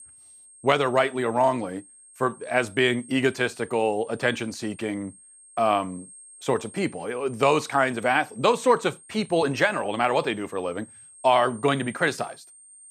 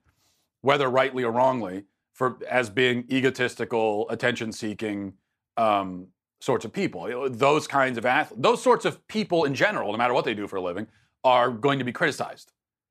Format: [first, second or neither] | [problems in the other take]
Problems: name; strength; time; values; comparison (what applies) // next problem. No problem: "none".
second | high-pitched whine; faint; throughout; 8.5 kHz, 20 dB below the speech